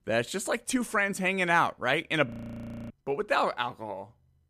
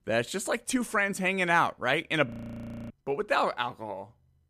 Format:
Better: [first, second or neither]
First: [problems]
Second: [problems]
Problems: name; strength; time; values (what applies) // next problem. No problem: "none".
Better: neither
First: audio freezing; at 2.5 s for 0.5 s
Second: audio freezing; at 2.5 s for 0.5 s